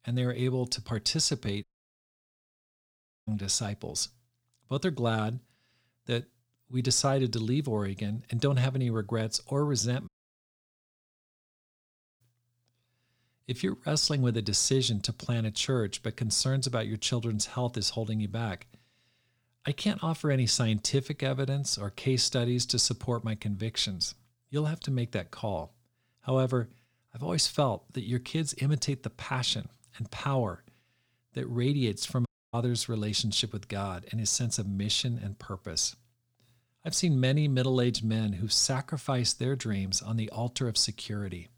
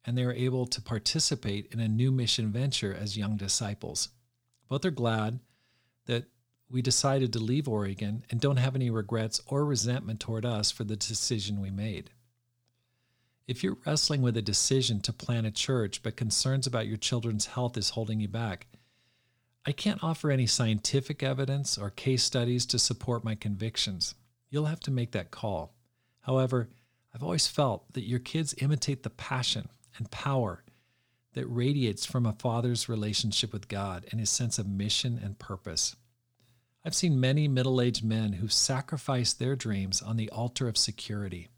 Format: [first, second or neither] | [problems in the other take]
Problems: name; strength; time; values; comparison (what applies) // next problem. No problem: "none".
second | audio cutting out; at 1.5 s for 1.5 s, at 10 s for 2 s and at 32 s